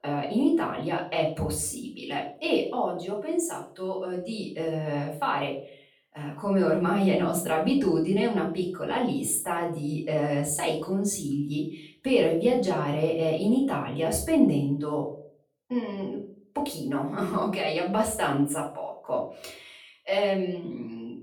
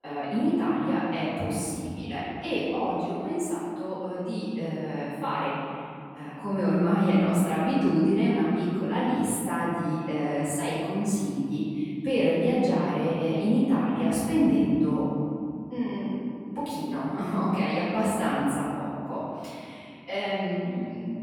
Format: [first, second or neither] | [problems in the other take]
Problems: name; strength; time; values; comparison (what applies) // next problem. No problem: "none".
first | room echo; strong; dies away in 2.8 s; slight in the first // off-mic speech; far; far in the first